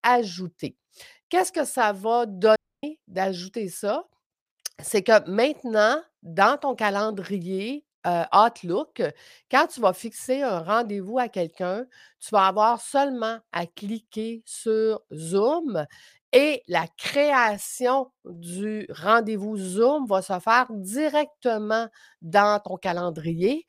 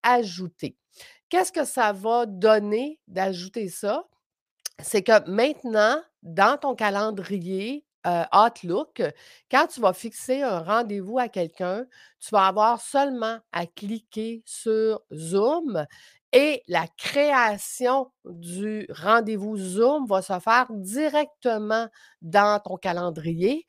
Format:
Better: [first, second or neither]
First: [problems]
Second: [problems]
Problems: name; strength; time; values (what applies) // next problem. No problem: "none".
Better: second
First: audio cutting out; at 2.5 s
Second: none